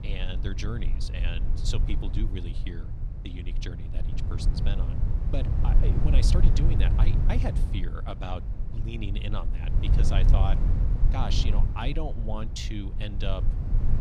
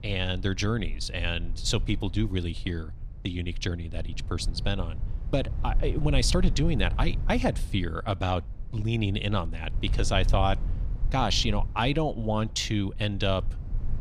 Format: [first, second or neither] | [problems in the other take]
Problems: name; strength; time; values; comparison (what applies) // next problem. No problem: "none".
second | low rumble; loud; throughout; 5 dB below the speech; faint in the second